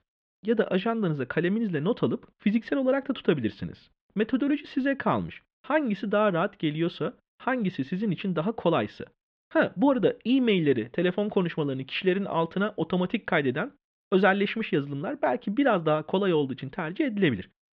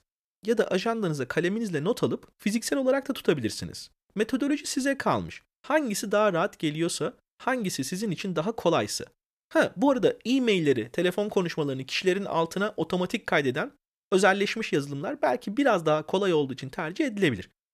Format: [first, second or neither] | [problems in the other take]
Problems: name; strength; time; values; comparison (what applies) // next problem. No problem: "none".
second | muffled; very; fading above 3.5 kHz